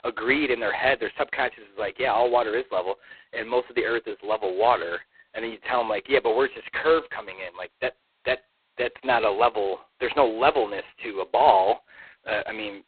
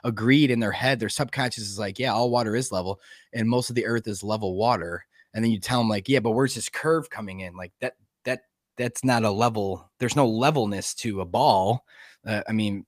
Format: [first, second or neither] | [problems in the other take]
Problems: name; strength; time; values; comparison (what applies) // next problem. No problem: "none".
second | phone-call audio; poor line; nothing above 4 kHz